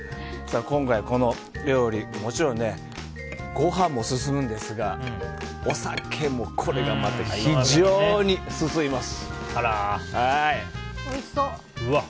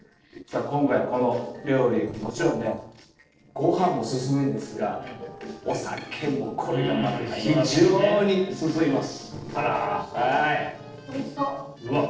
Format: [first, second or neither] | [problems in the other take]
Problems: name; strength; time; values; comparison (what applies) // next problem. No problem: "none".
first | noise reduction (neural separator model SepFormer DNS4)